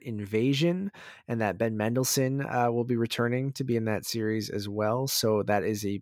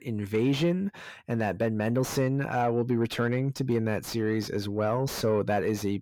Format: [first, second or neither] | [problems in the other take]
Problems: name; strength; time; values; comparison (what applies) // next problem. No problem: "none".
first | distortion; slight; 10 dB below the speech